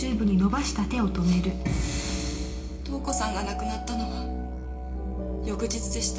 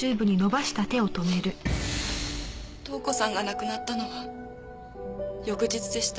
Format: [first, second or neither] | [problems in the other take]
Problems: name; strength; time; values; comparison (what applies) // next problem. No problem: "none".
second | background sound (Musical instrument); 4 dB below the speech // room echo; dies away in 0.4 s